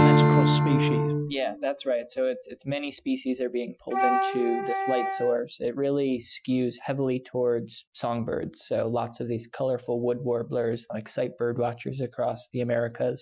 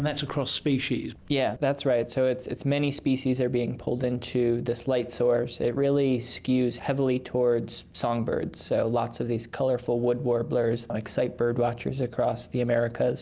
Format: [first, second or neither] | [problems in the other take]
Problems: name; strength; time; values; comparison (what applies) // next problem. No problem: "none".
second | noise reduction (classical method Wiener filter)